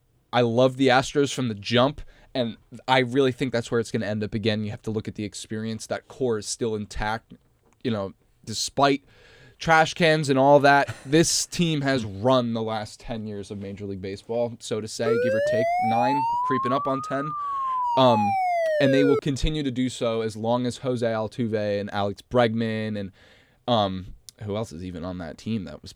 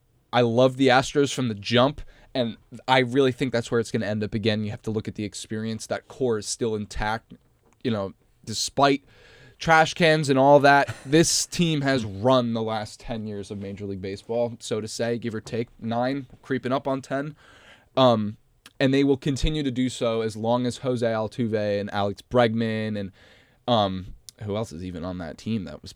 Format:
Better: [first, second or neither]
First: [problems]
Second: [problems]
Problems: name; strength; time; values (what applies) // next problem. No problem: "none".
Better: second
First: siren; loud; from 15 to 19 s; peak 1 dB above the speech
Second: none